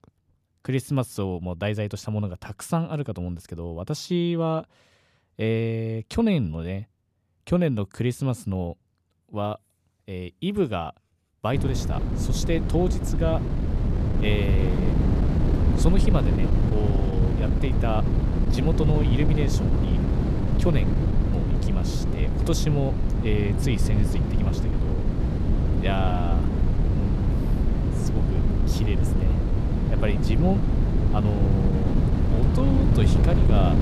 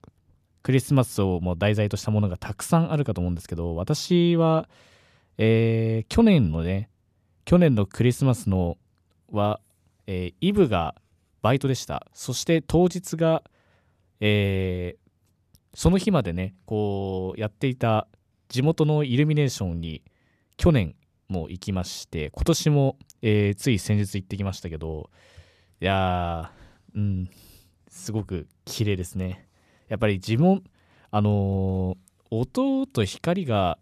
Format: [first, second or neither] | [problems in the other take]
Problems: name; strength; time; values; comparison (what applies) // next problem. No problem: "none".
second | wind noise on the microphone; heavy; from 12 s on; 2 dB below the speech